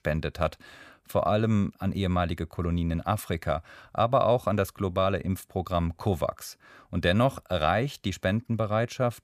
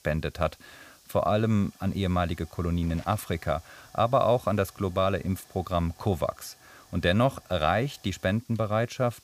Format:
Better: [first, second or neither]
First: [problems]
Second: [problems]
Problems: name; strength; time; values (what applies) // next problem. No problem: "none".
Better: first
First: none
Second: hiss; faint; throughout; 25 dB below the speech